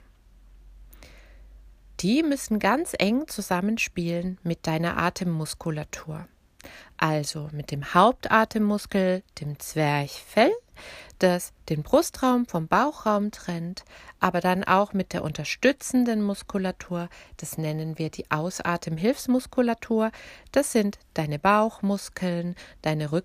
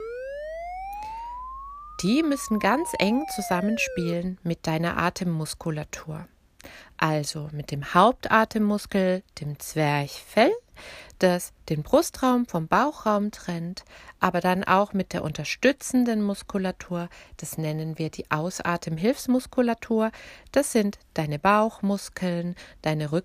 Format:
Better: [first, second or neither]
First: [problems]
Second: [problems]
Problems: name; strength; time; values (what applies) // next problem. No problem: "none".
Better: first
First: none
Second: siren; noticeable; until 4 s; peak 9 dB below the speech